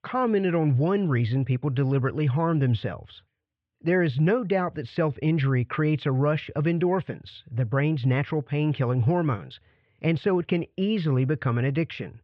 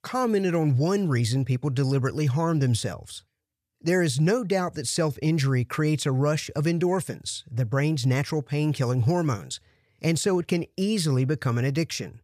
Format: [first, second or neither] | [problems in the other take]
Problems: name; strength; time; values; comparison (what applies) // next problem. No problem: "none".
second | muffled; very; fading above 3 kHz